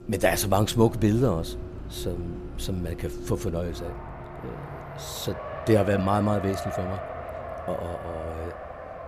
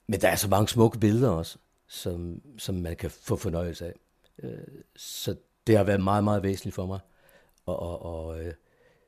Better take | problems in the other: second | traffic noise; loud; throughout; 10 dB below the speech

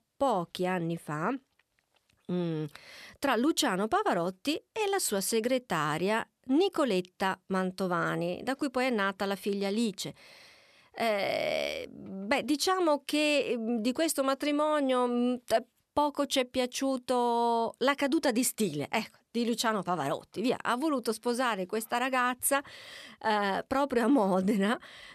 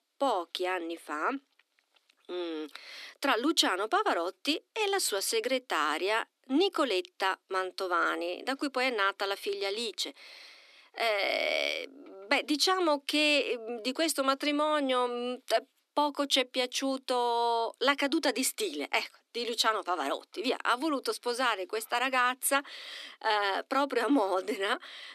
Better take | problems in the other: first | thin; very slightly; fading below 250 Hz

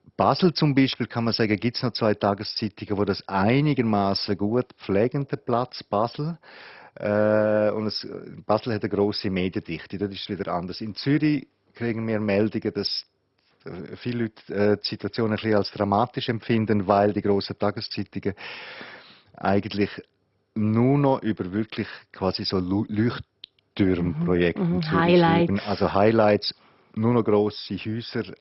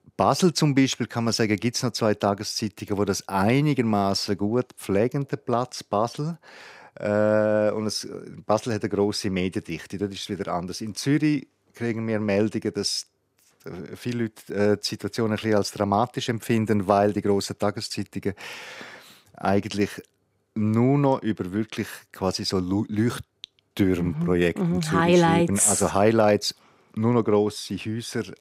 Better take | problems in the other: second | garbled, watery; badly; nothing above 5.5 kHz

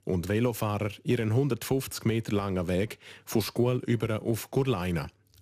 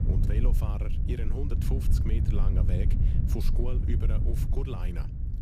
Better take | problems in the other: first | wind noise on the microphone; heavy; 2 dB below the speech

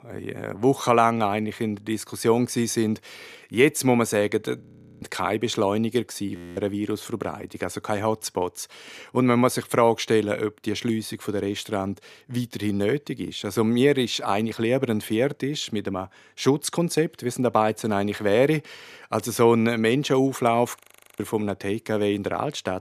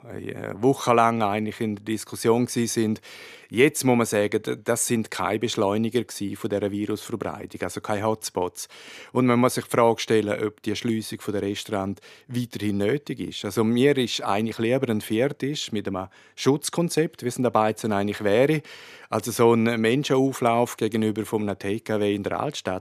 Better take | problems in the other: second | audio freezing; at 4.5 s, at 6.5 s and at 21 s

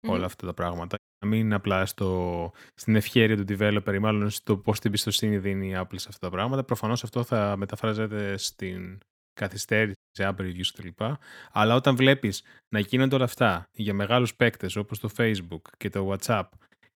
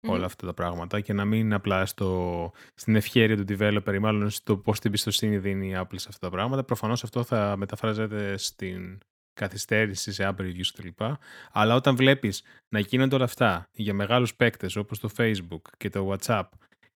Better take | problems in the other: second | audio cutting out; at 1 s and at 10 s

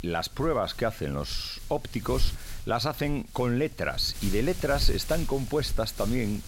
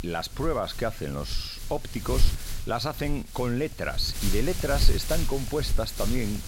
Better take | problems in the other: first | wind noise on the microphone; heavy; 9 dB below the speech; occasional gusts in the first

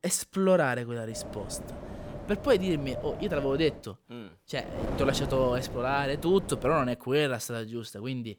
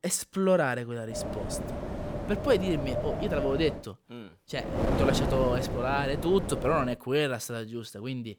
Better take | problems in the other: first | wind noise on the microphone; heavy; from 1 to 4 s and from 4.5 to 7 s; 5 dB below the speech; occasional gusts in the first

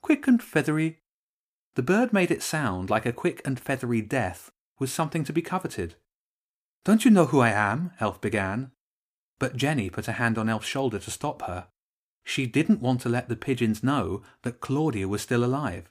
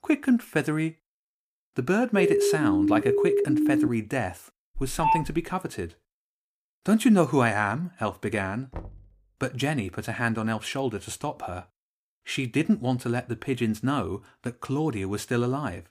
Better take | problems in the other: first | siren; loud; from 2 to 4 s; peak 4 dB above the speech // phone ringing; loud; at 5 s; peak 2 dB above the speech // door banging; faint; at 8.5 s; peak 15 dB below the speech

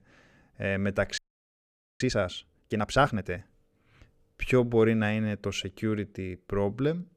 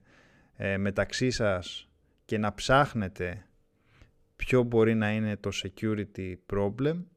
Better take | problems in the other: second | audio freezing; at 1 s for 1 s

